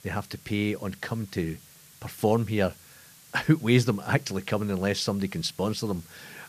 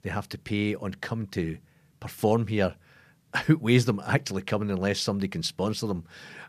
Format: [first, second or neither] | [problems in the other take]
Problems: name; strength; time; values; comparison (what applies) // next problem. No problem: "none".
second | hiss; faint; throughout; 25 dB below the speech